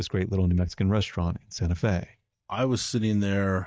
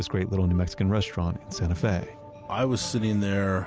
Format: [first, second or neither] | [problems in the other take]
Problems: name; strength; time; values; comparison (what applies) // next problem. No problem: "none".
second | noise reduction (neural mask model DeepFilterNet 3)